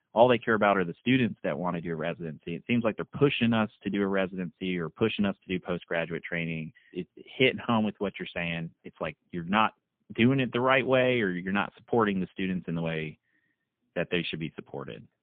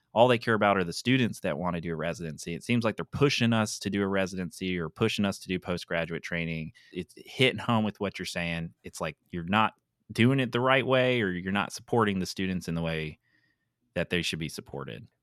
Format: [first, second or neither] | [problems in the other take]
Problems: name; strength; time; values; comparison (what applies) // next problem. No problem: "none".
second | phone-call audio; poor line; nothing above 3.5 kHz